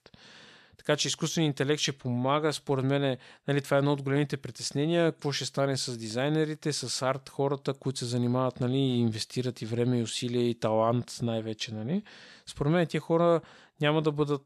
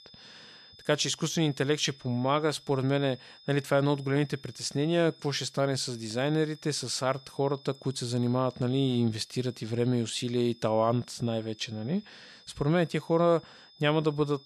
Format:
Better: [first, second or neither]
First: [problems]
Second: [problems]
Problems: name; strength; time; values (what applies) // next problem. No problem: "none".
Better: first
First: none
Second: high-pitched whine; faint; throughout; 5 kHz, 25 dB below the speech